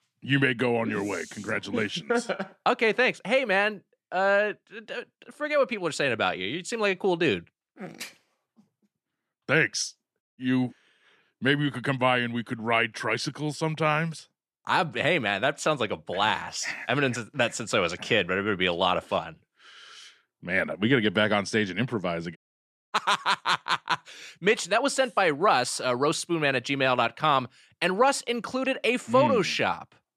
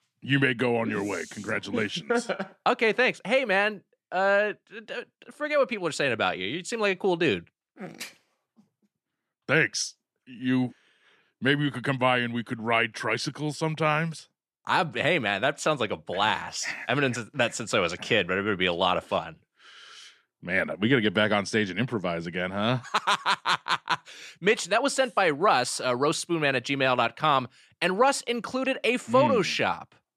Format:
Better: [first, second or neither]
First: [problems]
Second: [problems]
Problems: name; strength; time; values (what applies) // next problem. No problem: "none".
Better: second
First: audio cutting out; at 10 s and at 22 s for 0.5 s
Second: none